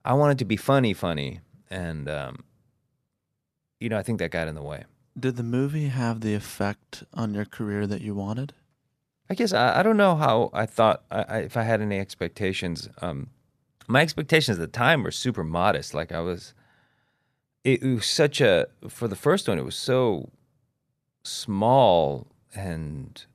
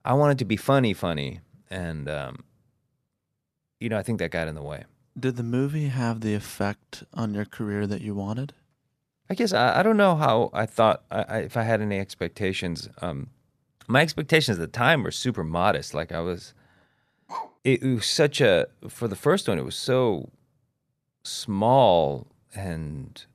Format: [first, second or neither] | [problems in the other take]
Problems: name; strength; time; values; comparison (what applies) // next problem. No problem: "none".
first | dog barking; faint; at 17 s; peak 10 dB below the speech